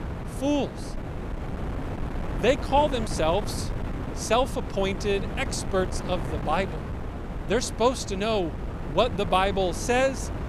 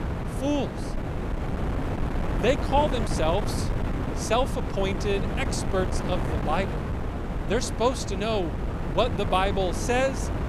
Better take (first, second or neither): first